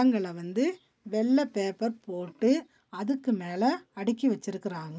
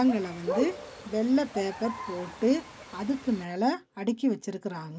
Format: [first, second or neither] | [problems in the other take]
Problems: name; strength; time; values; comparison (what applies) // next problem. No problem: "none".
first | background sound (Bird); 9 dB below the speech